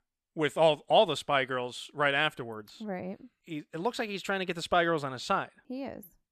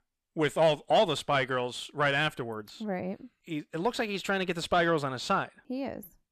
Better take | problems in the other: first | distortion; slight; 10 dB below the speech

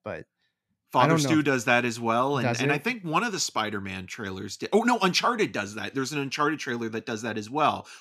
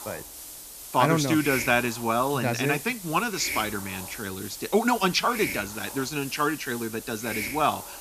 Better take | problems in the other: first | hiss; loud; throughout; 9 dB below the speech

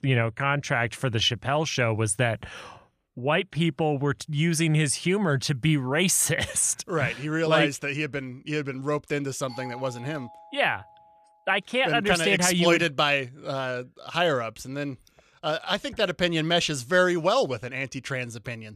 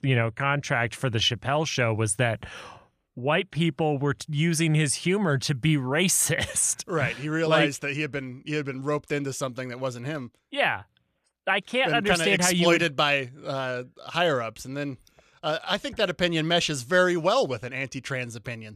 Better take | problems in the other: second | doorbell; faint; from 9.5 to 11 s; peak 15 dB below the speech

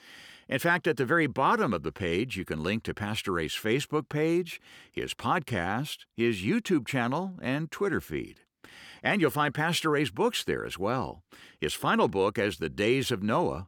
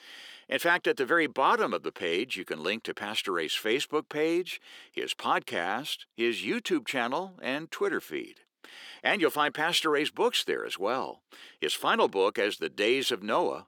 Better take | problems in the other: first | thin; somewhat; fading below 400 Hz

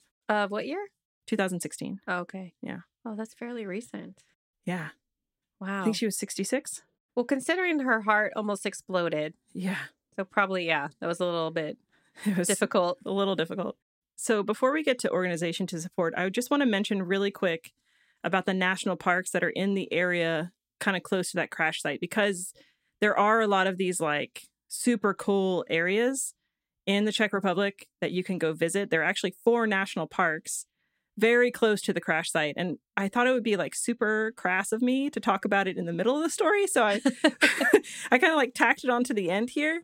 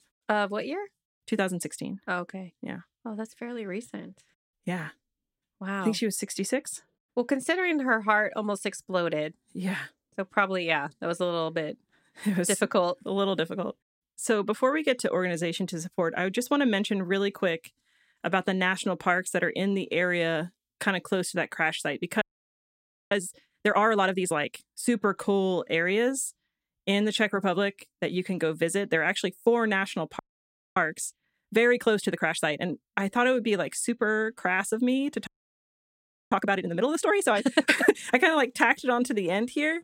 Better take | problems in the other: first | audio freezing; at 22 s for 1 s, at 30 s for 0.5 s and at 35 s for 1 s

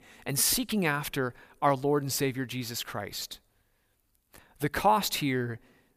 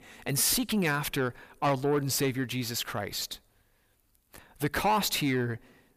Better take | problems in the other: first | distortion; slight; 10 dB below the speech

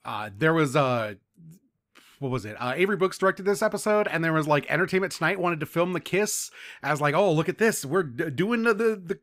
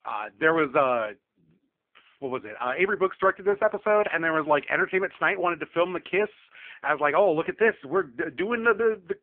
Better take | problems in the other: first | phone-call audio; poor line

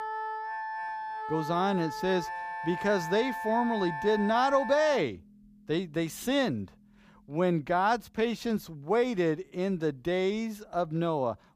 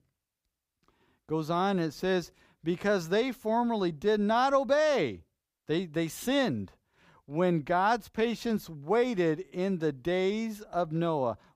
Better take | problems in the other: second | background music; loud; throughout; 7 dB below the speech

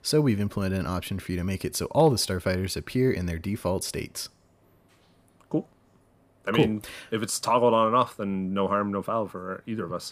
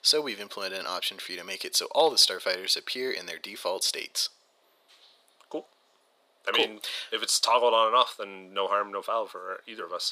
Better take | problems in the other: first | thin; very; fading below 500 Hz

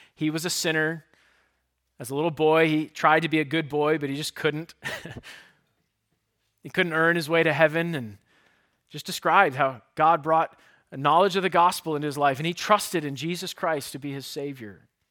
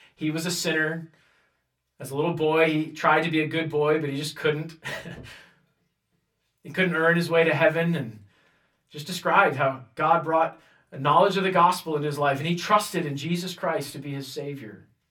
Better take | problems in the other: first | off-mic speech; somewhat distant // room echo; very slight; dies away in 0.2 s

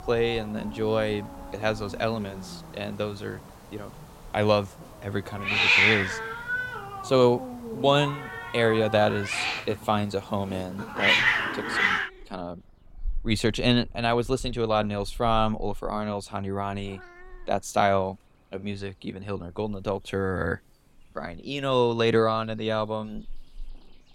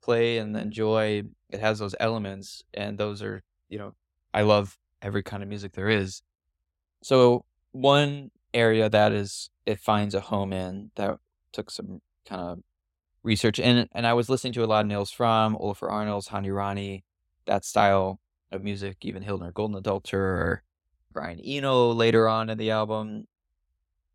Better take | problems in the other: second | animal sounds; very loud; throughout; 1 dB above the speech

